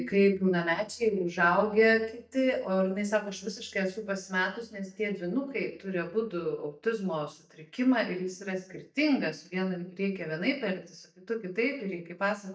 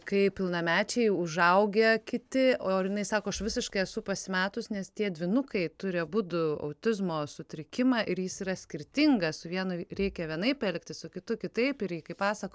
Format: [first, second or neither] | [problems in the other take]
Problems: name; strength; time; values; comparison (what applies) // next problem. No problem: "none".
second | noise reduction (neural mask model DeepFilterNet 3)